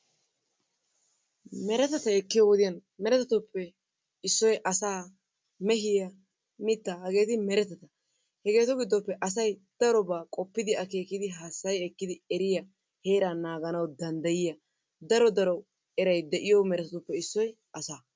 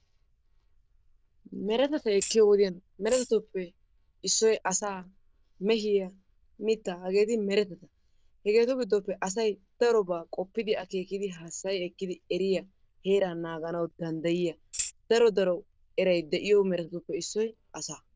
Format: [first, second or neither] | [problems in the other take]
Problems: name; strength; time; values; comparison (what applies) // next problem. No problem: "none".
first | noise reduction (neural diffusion model UNIVERSE++)